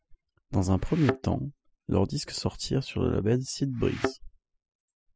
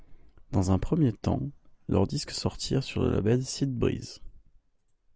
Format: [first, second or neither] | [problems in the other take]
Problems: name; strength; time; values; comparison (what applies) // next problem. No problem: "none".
second | noise reduction (classical method spectral subtraction)